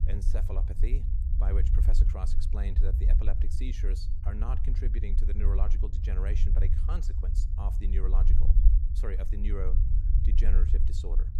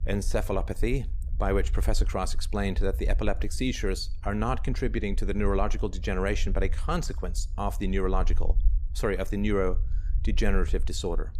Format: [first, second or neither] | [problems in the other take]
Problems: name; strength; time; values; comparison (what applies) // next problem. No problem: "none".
second | low rumble; loud; throughout; 4 dB below the speech; faint in the second